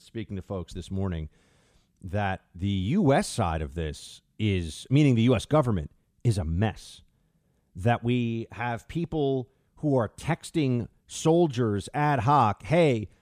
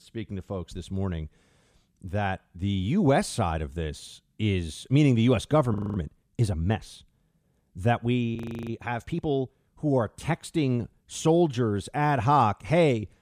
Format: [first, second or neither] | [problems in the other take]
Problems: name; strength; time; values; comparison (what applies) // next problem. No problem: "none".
first | audio freezing; at 5.5 s and at 8.5 s